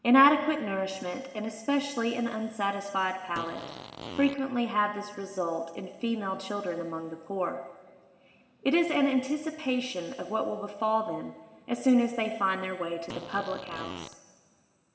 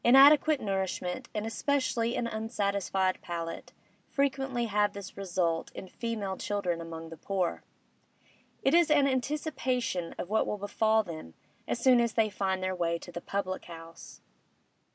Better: second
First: background sound (Fart); 12 dB below the speech // room echo; dies away in 3 s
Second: none

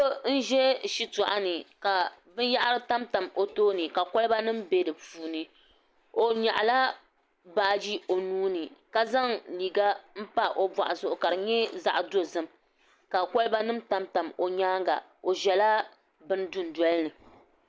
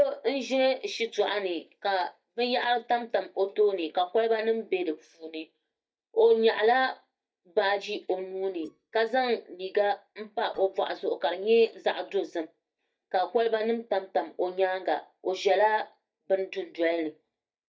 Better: first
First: none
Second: noise reduction (neural mask model DeepFilterNet 3)

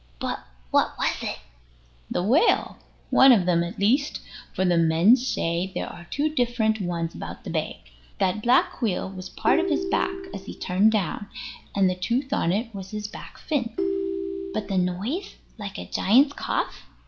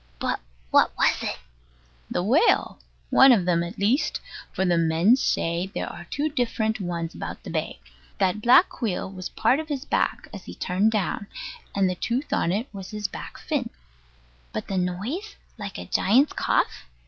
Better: second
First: background sound (Ringtone); 5 dB below the speech // room echo; dies away in 0.5 s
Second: none

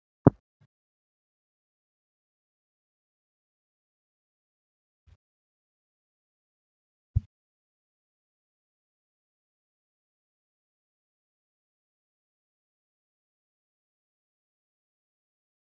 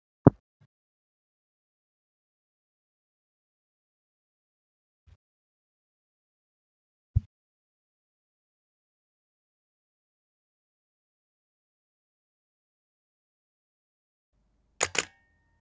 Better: first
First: none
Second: background sound (Camera); 2 dB above the speech

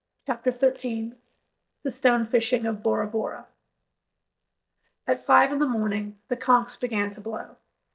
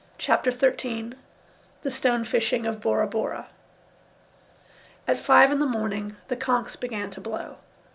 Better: second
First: noise reduction (neural mask model DeepFilterNet 3)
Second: none

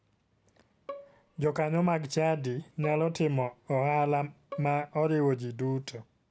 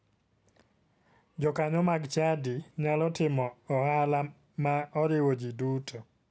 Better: second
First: background sound (Bowed string instrument); 20 dB below the speech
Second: none

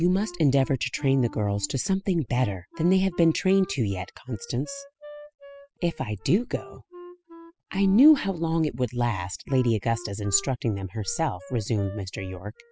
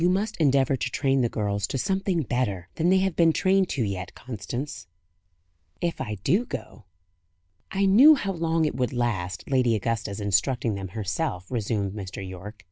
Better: second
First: noise reduction (classical method spectral subtraction)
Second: none

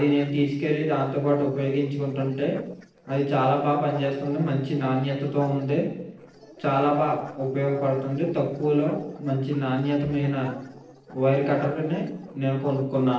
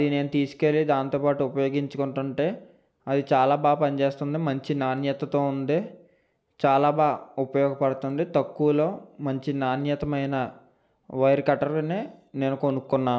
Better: second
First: noise reduction (neural separator model SepFormer DNS4)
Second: none

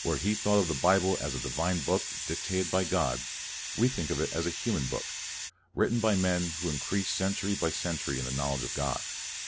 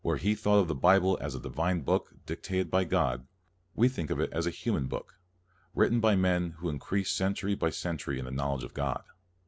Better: second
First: background sound (Hiss); 6 dB below the speech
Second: none

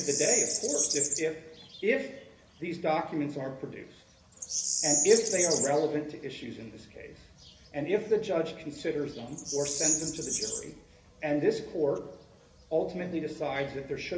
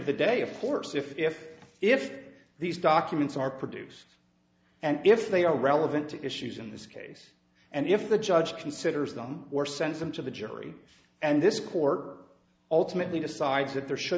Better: second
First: background sound (Bird vocalization, bird call, bird song); 3 dB below the speech // room echo; dies away in 0.3 s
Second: none

